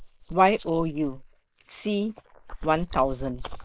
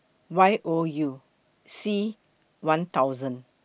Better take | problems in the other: second | noise reduction (neural mask model Resemble Enhance denoiser)

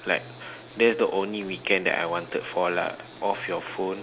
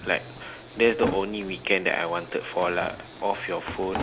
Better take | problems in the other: first | background sound (Drawer open or close); 11 dB below the speech

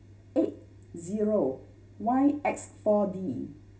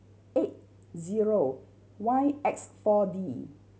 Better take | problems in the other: second | room echo; dies away in 0.2 s

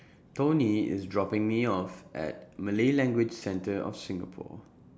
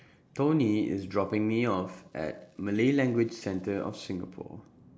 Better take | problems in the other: first | noise reduction (neural mask model Resemble Enhance denoiser)

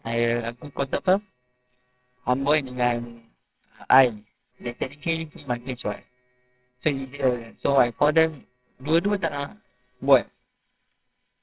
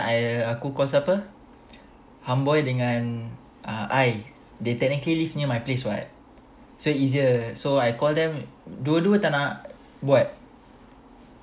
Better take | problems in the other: second | noise reduction (neural separator model SepFormer WHAMR!)

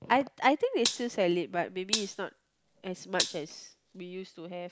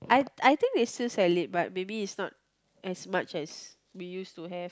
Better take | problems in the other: second | background sound (Gunshot, gunfire); 6 dB below the speech

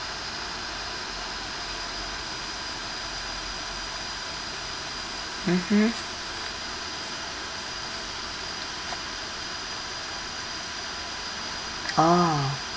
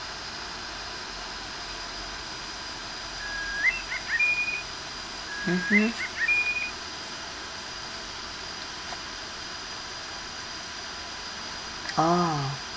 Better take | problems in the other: first | background sound (Bird); 5 dB above the speech

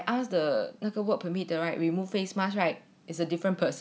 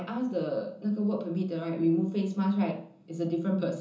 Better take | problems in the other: first | room echo; dies away in 0.6 s

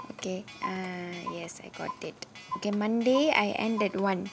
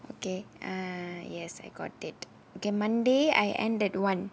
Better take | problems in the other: second | background sound (Clock); 12 dB below the speech

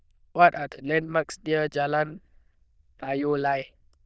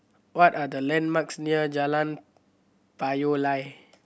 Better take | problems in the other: second | noise reduction (neural diffusion model UNIVERSE++)

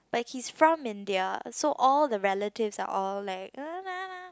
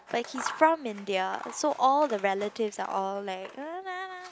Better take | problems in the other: first | background sound (Scissors); 15 dB below the speech

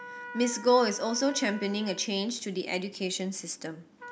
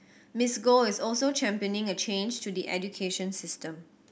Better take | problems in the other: second | background sound (Trumpet); 17 dB below the speech

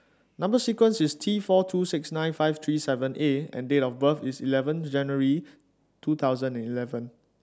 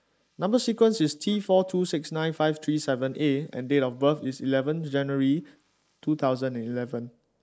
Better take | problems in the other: first | noise reduction (neural mask model Resemble Enhance denoiser)

